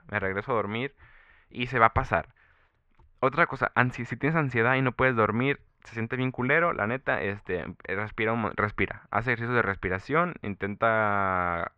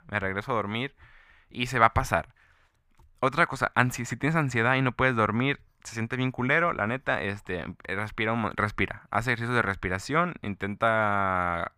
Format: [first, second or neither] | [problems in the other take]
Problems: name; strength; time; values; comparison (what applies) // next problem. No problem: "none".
second | muffled; slightly; fading above 2.5 kHz